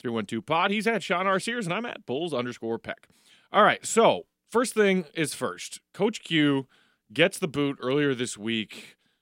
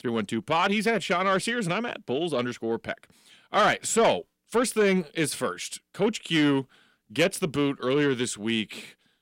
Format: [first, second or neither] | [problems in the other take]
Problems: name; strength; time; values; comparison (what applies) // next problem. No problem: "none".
first | distortion; slight; 10 dB below the speech